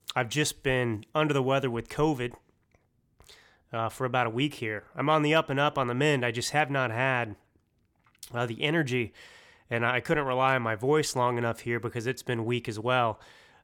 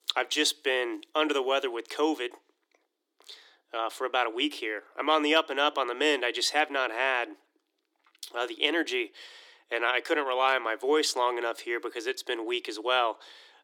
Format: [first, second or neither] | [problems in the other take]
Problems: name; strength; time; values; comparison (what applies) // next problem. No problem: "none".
first | thin; somewhat; fading below 300 Hz